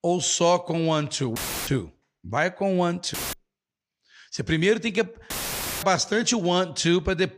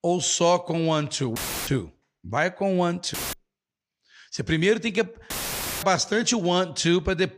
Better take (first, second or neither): neither